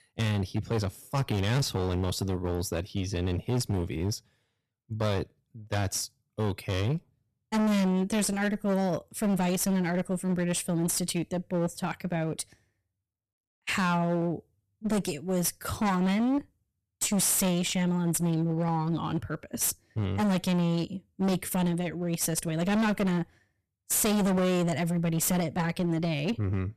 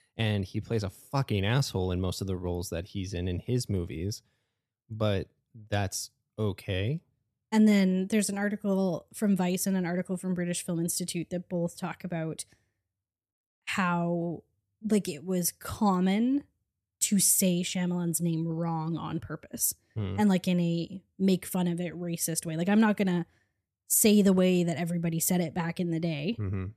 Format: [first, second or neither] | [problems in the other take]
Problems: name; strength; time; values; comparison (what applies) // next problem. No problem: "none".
second | distortion; heavy; 21% of the sound clipped